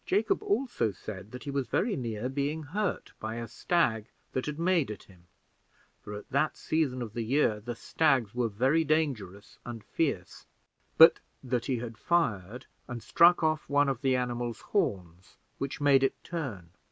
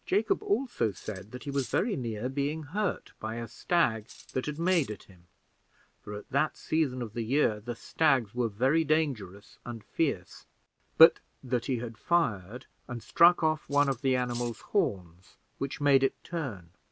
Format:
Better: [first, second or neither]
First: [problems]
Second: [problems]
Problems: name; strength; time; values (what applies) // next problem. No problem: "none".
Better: first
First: none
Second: background sound (Cutlery, silverware); 18 dB below the speech